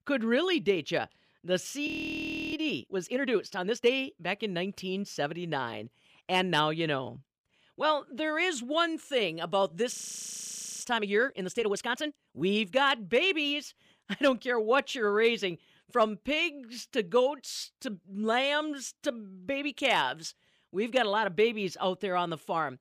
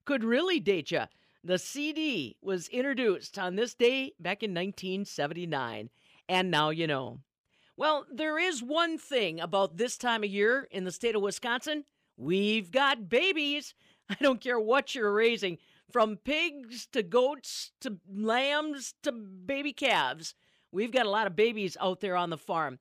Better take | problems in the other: second | audio freezing; at 2 s for 0.5 s and at 10 s for 1 s

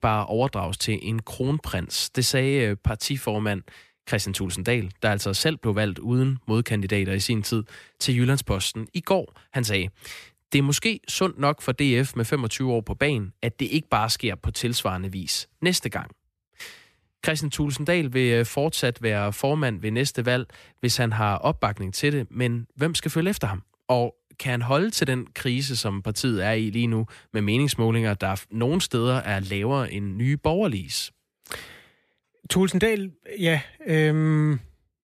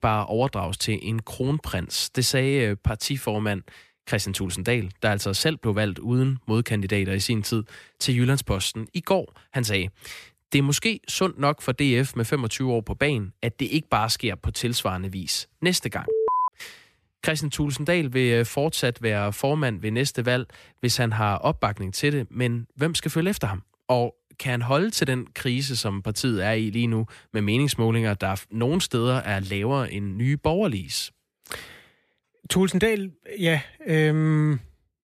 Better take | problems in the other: first | alarm; loud; at 16 s; peak 1 dB above the speech

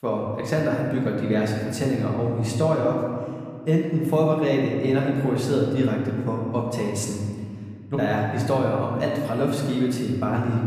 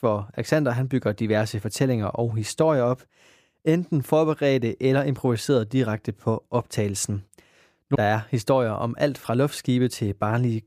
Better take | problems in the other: second | room echo; noticeable; dies away in 2 s // off-mic speech; somewhat distant

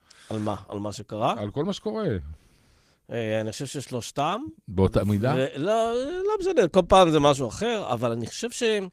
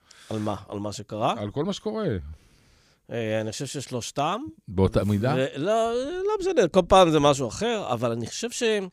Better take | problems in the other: second | garbled, watery; slightly; nothing above 15 kHz

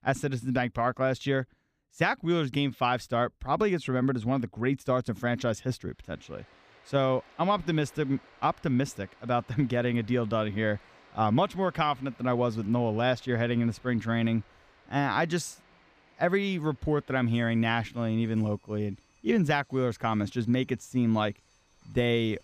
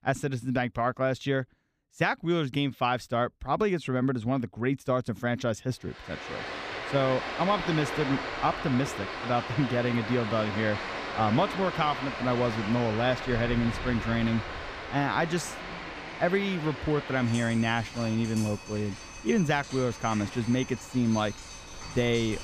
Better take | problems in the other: first | rain or running water; loud; from 6 s on; 7 dB below the speech; faint in the first

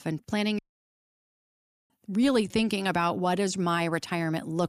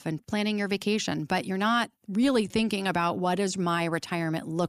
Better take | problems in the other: second | audio cutting out; at 0.5 s for 1.5 s

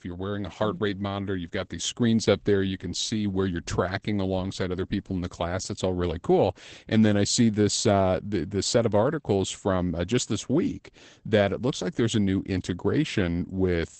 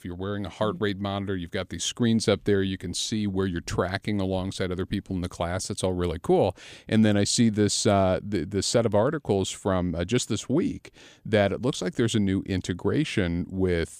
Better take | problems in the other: second | garbled, watery; badly; nothing above 8 kHz

